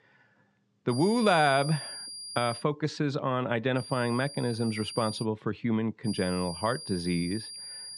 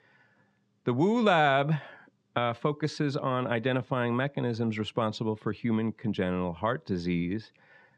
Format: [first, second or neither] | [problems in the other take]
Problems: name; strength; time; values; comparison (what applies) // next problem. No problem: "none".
second | high-pitched whine; noticeable; from 1 to 2.5 s, from 4 to 5 s and from 6 s on; 5 kHz, 10 dB below the speech